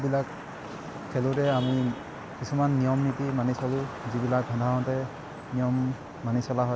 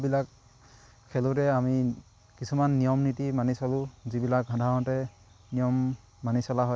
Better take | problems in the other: second | background sound (Traffic noise, roadway noise / Vehicle horn, car horn, honking); 11 dB below the speech

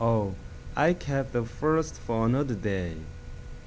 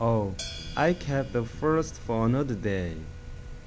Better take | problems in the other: first | background sound (Guitar + Hi-hat); 17 dB below the speech

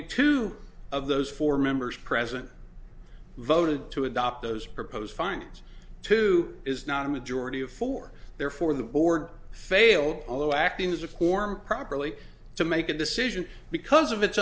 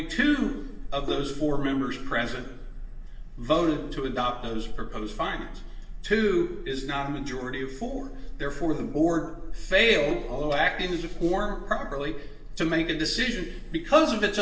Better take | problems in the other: first | background sound (Bowed string instrument); 15 dB below the speech // room echo; dies away in 0.9 s

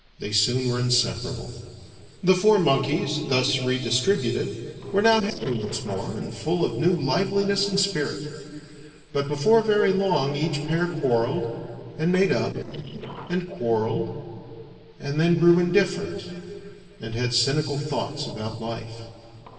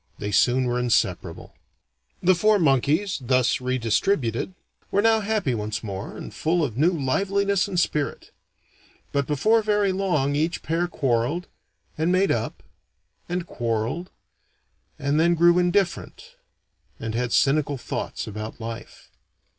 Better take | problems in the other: second | noise reduction (neural separator model SepFormer DNS4)

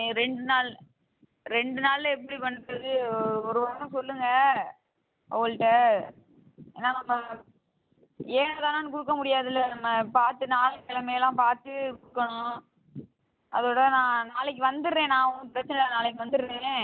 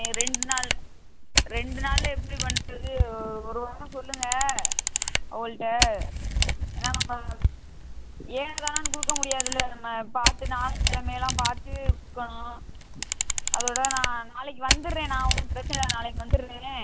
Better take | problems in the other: first | background sound (Camera); 5 dB above the speech

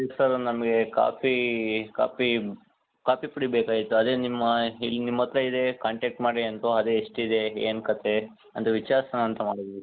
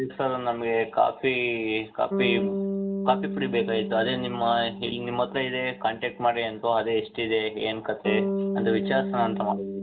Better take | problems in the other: first | background sound (Bass guitar); 5 dB below the speech // room echo; dies away in 0.2 s

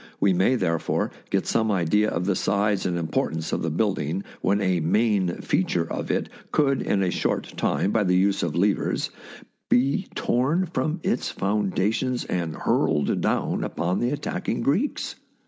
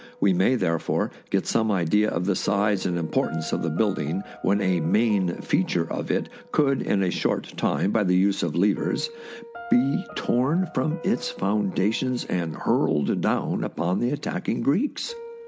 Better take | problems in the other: first | background sound (Piano); 19 dB below the speech

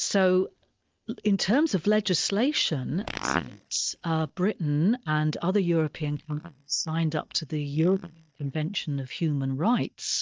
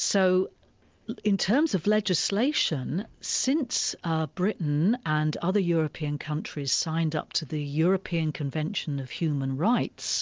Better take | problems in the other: second | noise reduction (neural mask model DeepFilterNet 3)

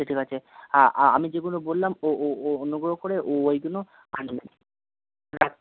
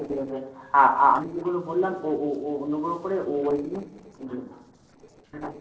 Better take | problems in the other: first | noise reduction (neural separator model SepFormer DNS4)

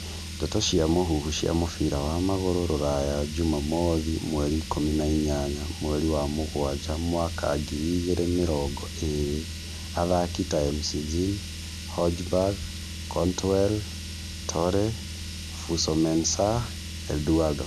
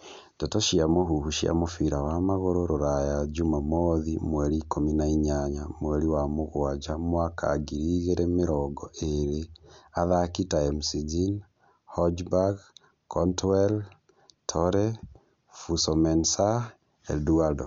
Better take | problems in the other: second | background sound (Car); 8 dB below the speech

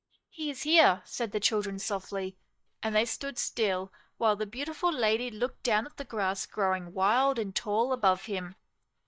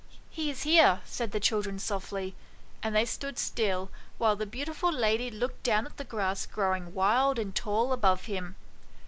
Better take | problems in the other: second | noise reduction (neural mask model DeepFilterNet 3)

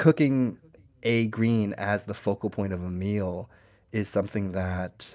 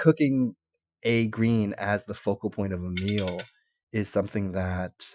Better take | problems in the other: first | noise reduction (classical method Wiener filter)

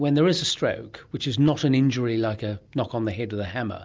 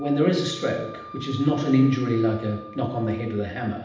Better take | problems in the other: first | background sound (Wind instrument, woodwind instrument); 19 dB below the speech // room echo; dies away in 0.8 s

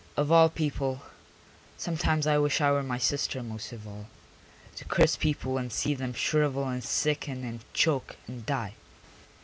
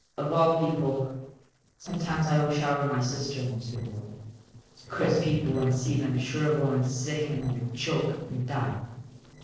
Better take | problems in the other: first | noise reduction (neural separator model SepFormer DNS4)

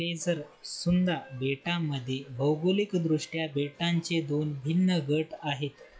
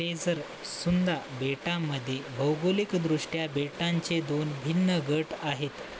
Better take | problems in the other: second | noise reduction (classical method log-MMSE)

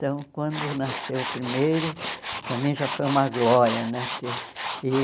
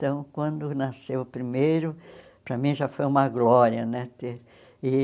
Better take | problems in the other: second | background sound (Tools); 8 dB below the speech

